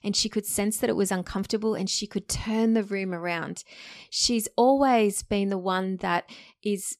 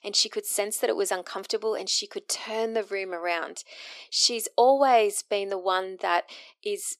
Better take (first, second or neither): first